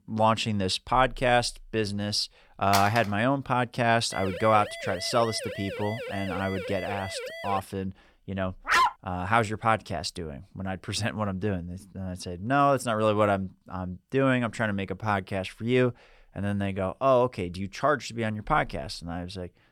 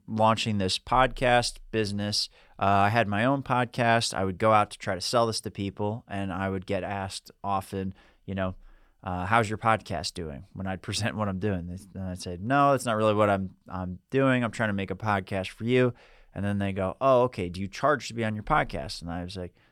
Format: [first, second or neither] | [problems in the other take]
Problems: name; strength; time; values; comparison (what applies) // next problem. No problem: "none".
second | phone ringing; noticeable; at 2.5 s; peak 3 dB below the speech // siren; noticeable; from 4 to 7.5 s; peak 9 dB below the speech // dog barking; loud; at 8.5 s; peak 5 dB above the speech